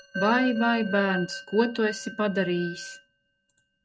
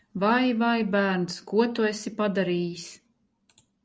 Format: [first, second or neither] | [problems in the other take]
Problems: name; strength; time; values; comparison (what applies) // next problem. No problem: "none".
second | noise reduction (neural mask model RNNoise)